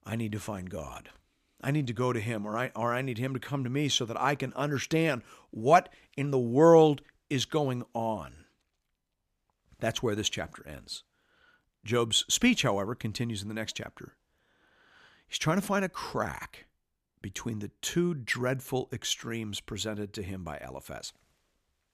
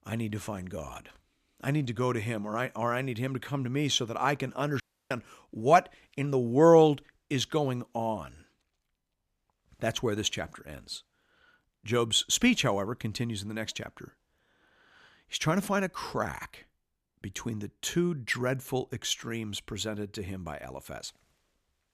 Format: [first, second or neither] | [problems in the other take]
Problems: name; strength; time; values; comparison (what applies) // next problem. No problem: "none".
first | audio cutting out; at 5 s